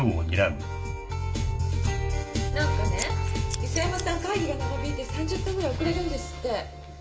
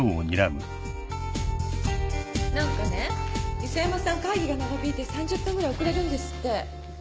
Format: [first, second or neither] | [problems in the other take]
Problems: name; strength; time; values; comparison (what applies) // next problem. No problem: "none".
second | background sound (Scissors); 12 dB below the speech // room echo; dies away in 0.5 s